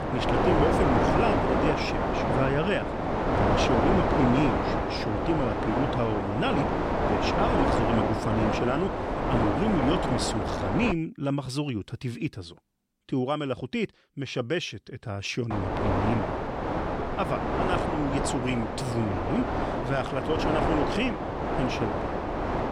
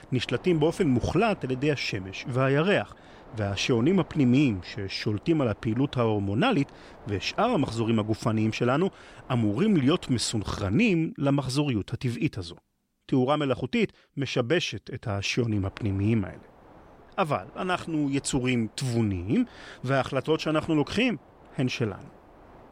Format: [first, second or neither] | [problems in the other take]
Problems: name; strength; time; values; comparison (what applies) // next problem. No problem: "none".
second | wind noise on the microphone; heavy; until 11 s and from 16 s on; 4 dB above the speech; occasional gusts in the second